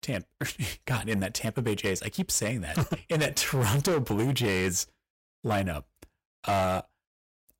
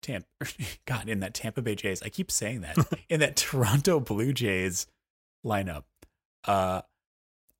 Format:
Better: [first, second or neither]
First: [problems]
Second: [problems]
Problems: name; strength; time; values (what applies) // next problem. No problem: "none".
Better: second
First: distortion; heavy; 10% of the sound clipped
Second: none